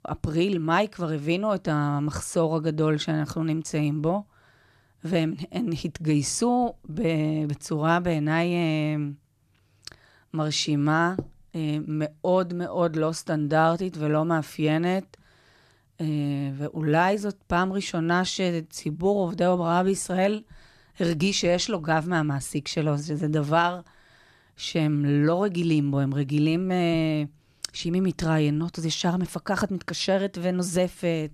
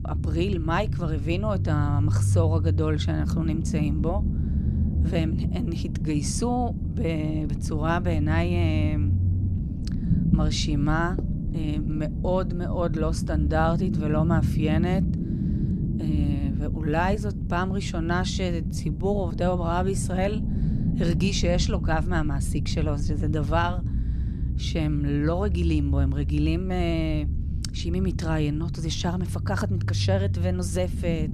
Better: first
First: none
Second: low rumble; loud; throughout; 9 dB below the speech

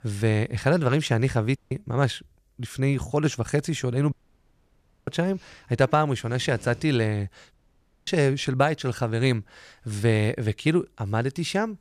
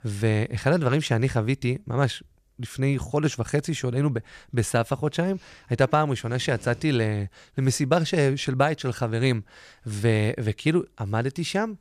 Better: second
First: audio cutting out; at 1.5 s, at 4 s for 1 s and at 7.5 s for 0.5 s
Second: none

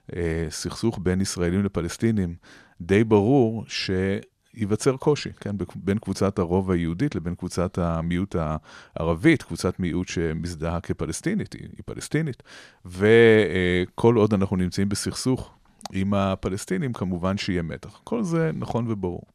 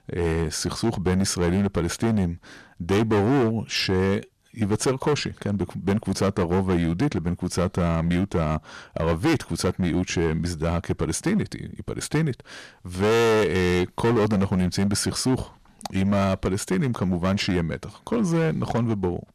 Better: first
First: none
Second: distortion; heavy; 13% of the sound clipped

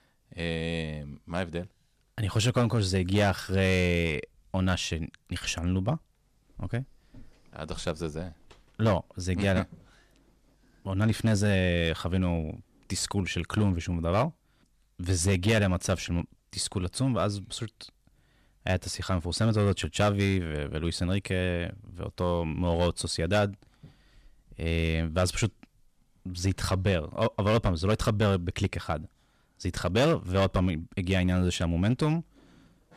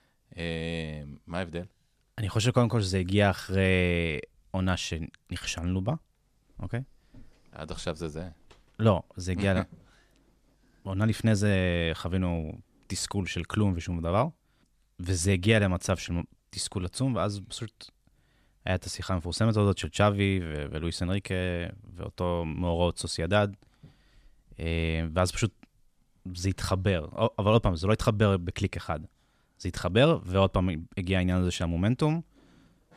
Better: second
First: distortion; slight; 4% of the sound clipped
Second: none

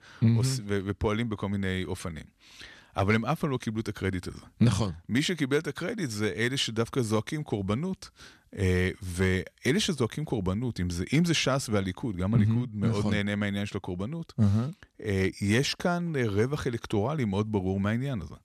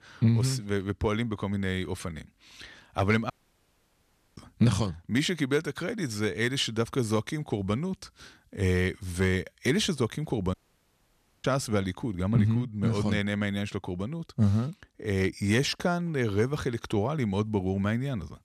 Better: first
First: none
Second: audio cutting out; at 3.5 s for 1 s and at 11 s for 1 s

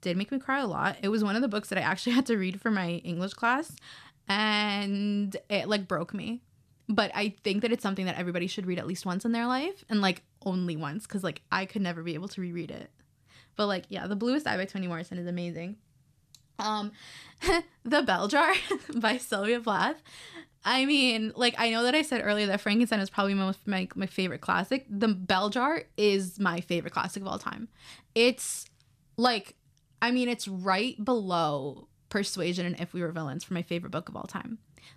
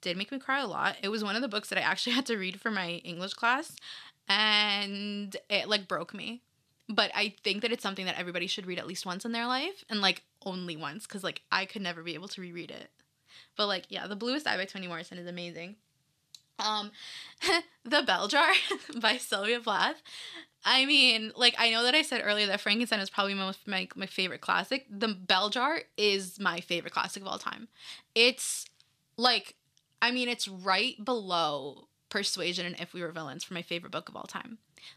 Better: first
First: none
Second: thin; very slightly; fading below 850 Hz

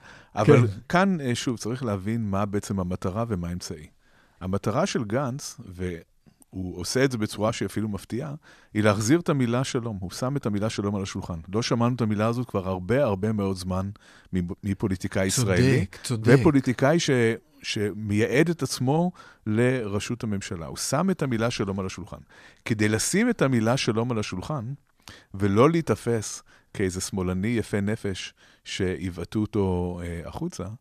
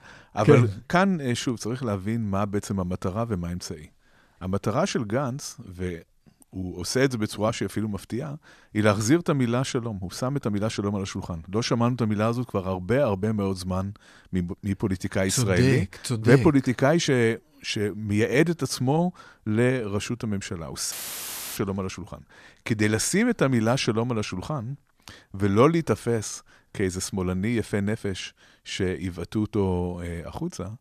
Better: first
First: none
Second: audio cutting out; filled with static; at 21 s for 0.5 s

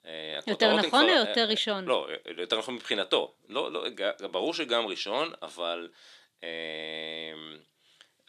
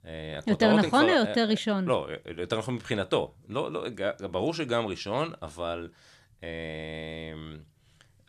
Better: second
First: thin; somewhat; fading below 300 Hz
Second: none

